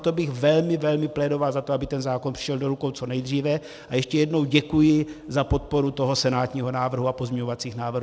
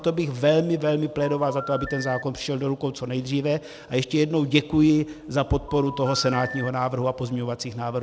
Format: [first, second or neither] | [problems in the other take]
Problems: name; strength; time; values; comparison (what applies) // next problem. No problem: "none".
first | background sound (Telephone); 11 dB below the speech